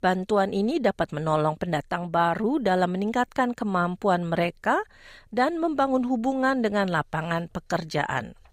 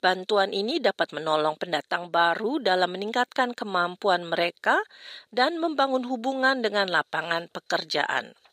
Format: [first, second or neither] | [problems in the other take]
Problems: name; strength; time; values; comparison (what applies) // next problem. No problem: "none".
first | thin; somewhat; fading below 350 Hz